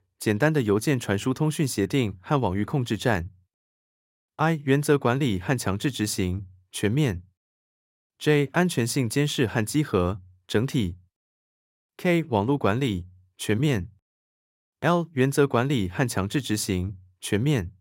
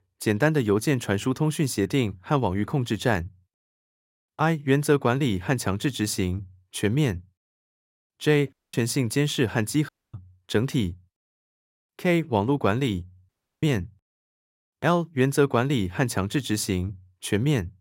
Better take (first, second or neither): first